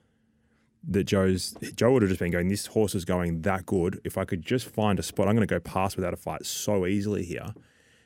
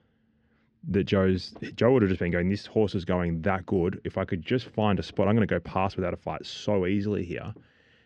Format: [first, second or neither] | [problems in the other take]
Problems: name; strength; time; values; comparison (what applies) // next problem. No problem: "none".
first | muffled; very slightly; fading above 4.5 kHz